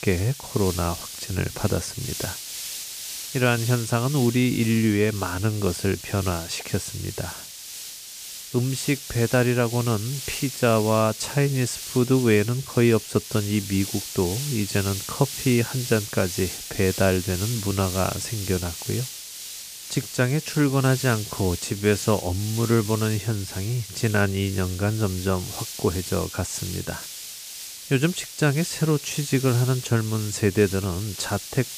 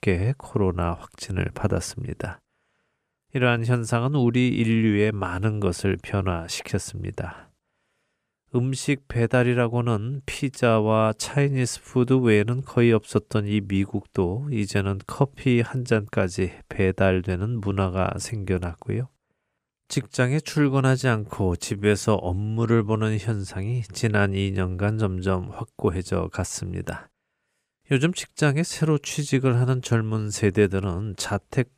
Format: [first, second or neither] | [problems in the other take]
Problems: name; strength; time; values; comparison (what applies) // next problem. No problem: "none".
second | hiss; loud; throughout; 9 dB below the speech